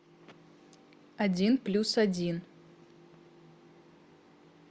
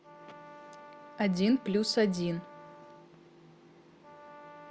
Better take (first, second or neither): first